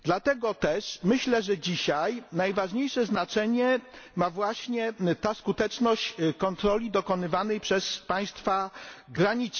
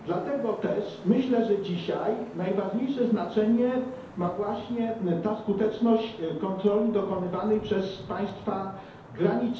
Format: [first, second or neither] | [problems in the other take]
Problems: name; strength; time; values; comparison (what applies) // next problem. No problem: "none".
first | background sound (Traffic noise, roadway noise / Vehicle horn, car horn, honking); 18 dB below the speech // room echo; dies away in 2.2 s